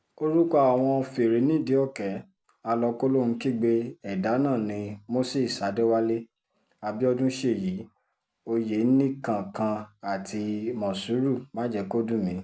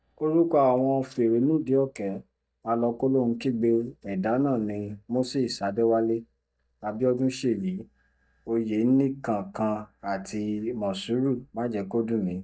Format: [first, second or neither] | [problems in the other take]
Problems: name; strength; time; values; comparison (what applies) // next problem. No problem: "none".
first | noise reduction (neural mask model DeepFilterNet 3)